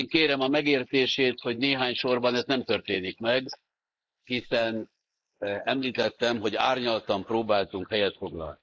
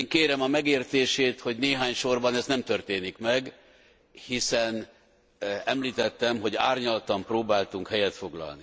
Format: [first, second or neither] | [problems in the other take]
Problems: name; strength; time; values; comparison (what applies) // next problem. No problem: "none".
second | noise reduction (neural mask model Resemble Enhance denoiser)